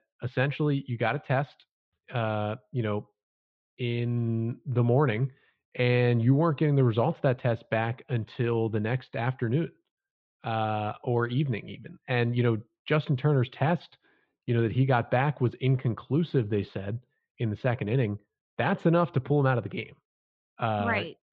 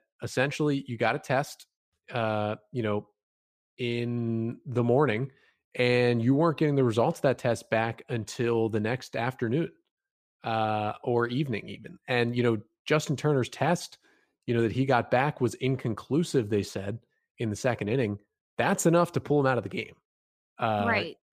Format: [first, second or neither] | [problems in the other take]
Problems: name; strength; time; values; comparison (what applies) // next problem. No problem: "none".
second | muffled; slightly; fading above 3.5 kHz